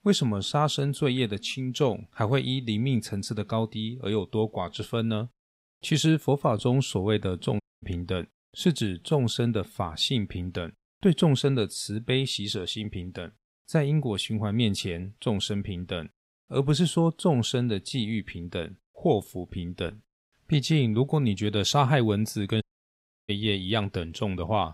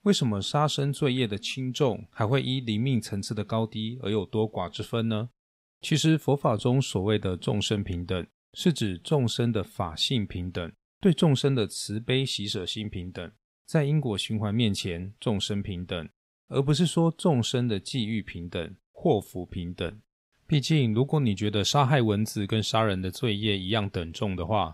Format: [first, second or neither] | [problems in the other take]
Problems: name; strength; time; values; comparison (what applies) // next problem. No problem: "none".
second | audio cutting out; at 7.5 s and at 23 s for 0.5 s